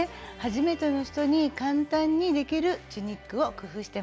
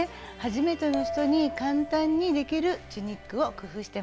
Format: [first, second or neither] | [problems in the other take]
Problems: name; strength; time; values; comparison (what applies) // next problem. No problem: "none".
first | background sound (Bell); 10 dB below the speech